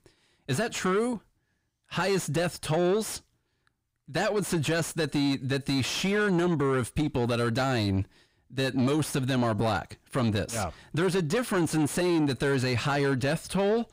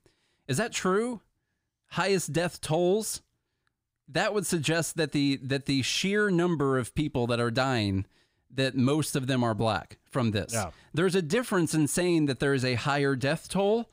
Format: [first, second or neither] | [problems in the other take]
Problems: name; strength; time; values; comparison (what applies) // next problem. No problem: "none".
second | distortion; slight; 10 dB below the speech